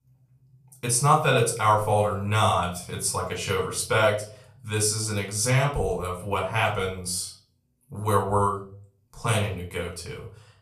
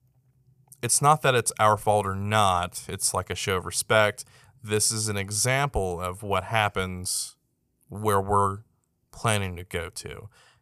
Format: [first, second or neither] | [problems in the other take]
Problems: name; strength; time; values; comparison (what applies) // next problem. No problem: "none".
second | off-mic speech; far // room echo; slight; dies away in 0.4 s